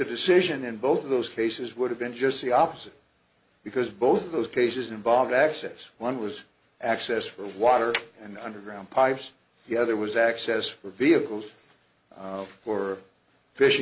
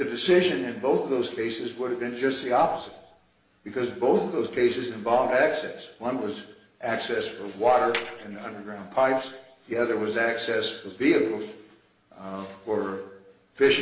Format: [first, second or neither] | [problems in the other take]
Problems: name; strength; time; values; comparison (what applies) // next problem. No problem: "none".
first | room echo; dies away in 0.8 s